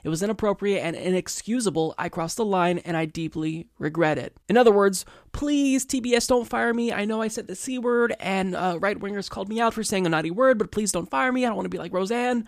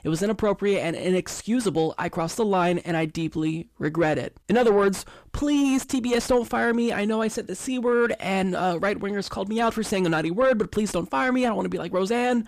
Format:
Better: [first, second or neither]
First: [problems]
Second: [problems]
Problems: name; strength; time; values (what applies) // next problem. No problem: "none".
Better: first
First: none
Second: distortion; slight; 10 dB below the speech